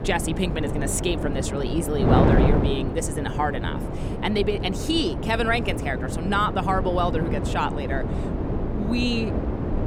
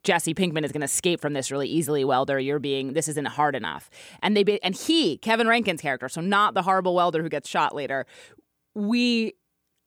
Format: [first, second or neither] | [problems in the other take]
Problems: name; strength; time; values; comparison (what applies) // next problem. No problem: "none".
second | wind noise on the microphone; heavy; 5 dB below the speech